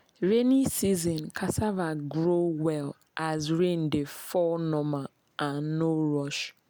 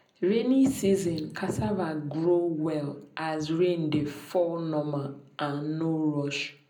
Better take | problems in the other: first | room echo; dies away in 0.5 s

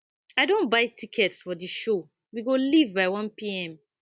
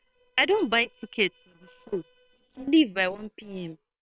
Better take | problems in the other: first | noise reduction (neural separator model SepFormer WHAM!)

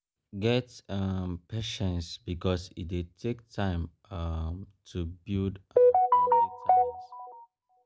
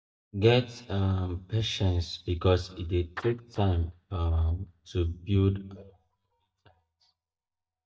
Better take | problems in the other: first | noise reduction (neural mask model DeepFilterNet 3)

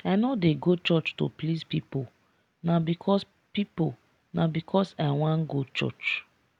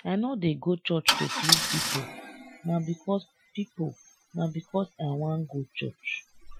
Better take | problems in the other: first | noise reduction (classical method Wiener filter)

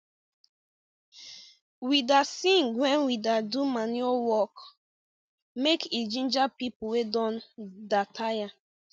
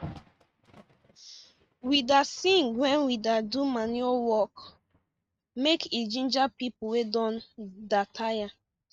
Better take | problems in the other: first | noise reduction (neural mask model RNNoise)

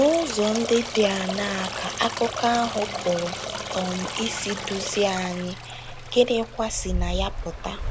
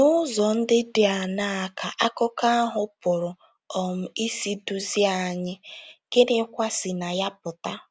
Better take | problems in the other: second | background sound (Stream); 6 dB below the speech

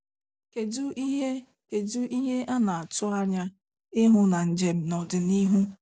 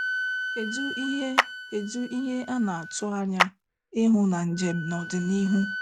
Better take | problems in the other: first | background sound (Wind instrument, woodwind instrument + Clapping); 4 dB below the speech

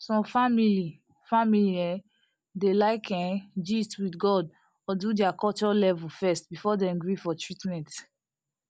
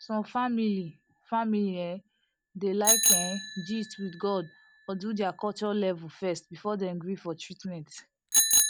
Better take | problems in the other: first | background sound (Bicycle bell); as loud as the speech

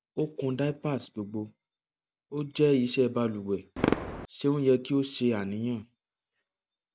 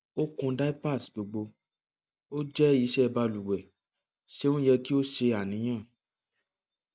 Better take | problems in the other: second | background sound (Fireworks); 10 dB below the speech

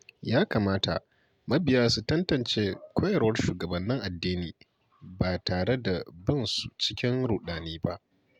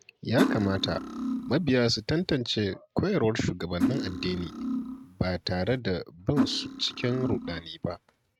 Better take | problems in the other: first | noise reduction (neural mask model RNNoise)

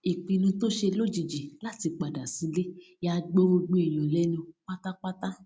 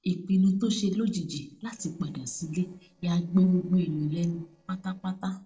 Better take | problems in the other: first | noise reduction (neural separator model SepFormer DNS4)

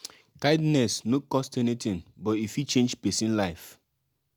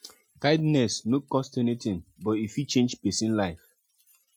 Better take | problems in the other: first | noise reduction (classical method Wiener filter)

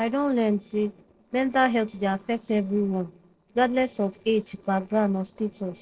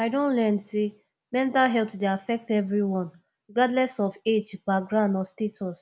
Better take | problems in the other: second | noise reduction (neural separator model SepFormer DNS4)

